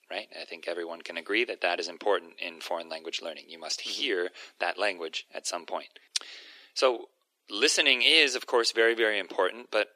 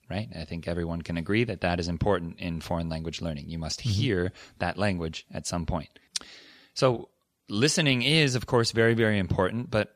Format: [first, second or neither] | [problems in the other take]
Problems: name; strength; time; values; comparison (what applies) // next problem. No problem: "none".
second | thin; very; fading below 350 Hz